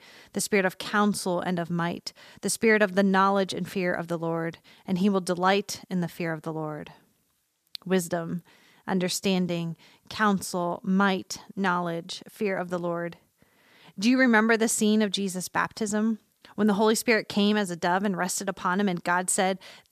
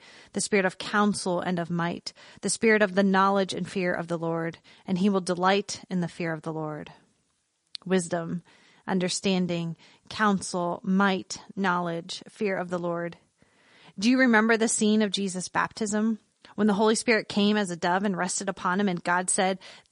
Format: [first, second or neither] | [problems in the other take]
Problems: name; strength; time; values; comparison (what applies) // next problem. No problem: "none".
first | garbled, watery; slightly; nothing above 9.5 kHz